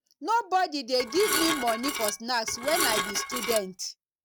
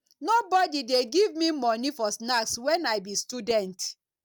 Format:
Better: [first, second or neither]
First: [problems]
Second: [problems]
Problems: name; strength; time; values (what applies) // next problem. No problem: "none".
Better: second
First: background sound (Dishes, pots, and pans / Glass); 2 dB below the speech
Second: none